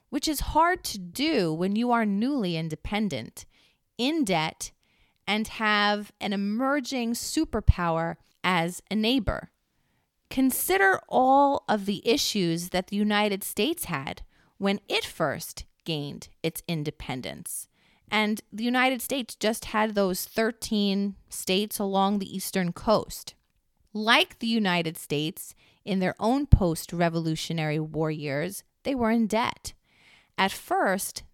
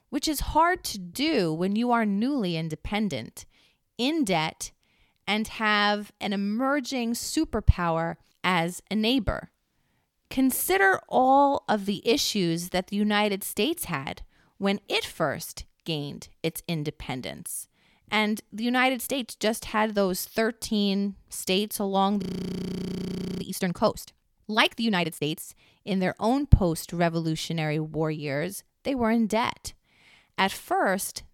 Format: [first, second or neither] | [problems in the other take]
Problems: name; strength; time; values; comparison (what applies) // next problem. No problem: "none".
first | audio freezing; at 22 s for 1 s